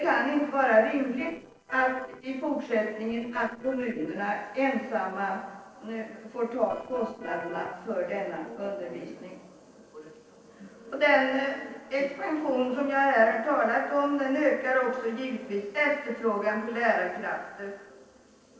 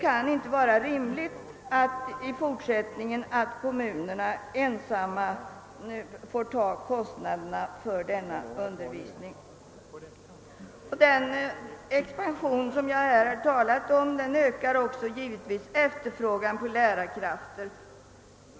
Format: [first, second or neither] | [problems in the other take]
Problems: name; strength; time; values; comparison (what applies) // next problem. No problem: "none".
second | noise reduction (neural separator model SepFormer DNS4)